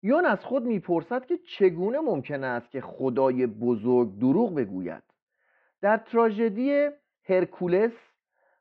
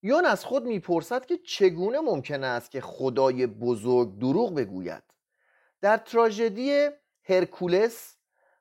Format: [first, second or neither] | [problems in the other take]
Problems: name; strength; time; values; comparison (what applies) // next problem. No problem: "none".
second | muffled; very; fading above 3 kHz